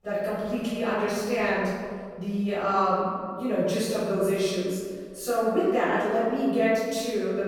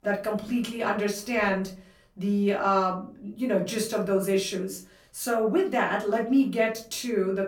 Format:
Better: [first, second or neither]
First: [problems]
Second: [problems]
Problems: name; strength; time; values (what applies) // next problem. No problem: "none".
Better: second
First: room echo; strong; dies away in 1.8 s // off-mic speech; far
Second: room echo; slight; dies away in 0.3 s // off-mic speech; far